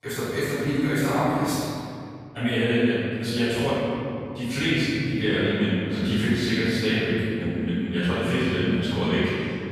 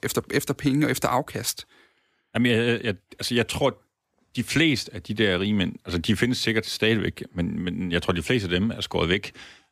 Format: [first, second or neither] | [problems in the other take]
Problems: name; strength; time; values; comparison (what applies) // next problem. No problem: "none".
second | room echo; strong; dies away in 2.4 s // off-mic speech; far